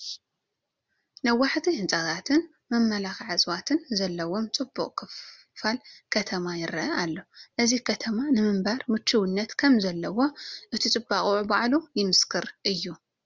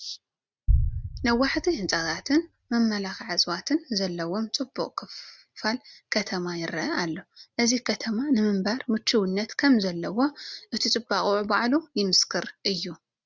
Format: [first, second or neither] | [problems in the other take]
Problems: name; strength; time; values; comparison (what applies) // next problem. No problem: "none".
first | noise reduction (neural mask model RNNoise)